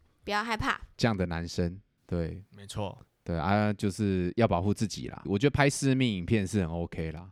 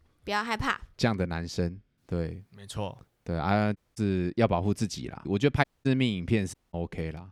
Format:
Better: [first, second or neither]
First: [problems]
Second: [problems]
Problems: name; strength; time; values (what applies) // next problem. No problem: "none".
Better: first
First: none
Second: audio cutting out; at 4 s, at 5.5 s and at 6.5 s